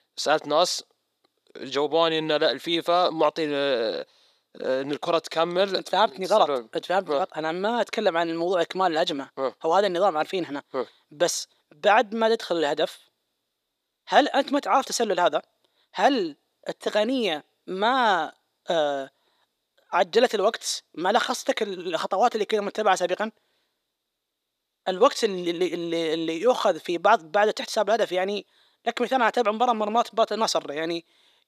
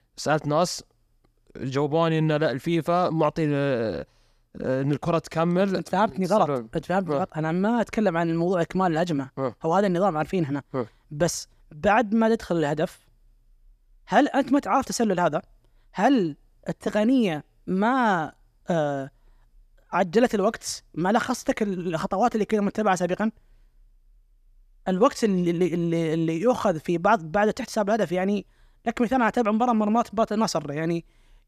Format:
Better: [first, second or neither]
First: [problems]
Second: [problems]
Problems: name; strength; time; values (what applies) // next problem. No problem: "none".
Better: second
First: thin; somewhat; fading below 450 Hz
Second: none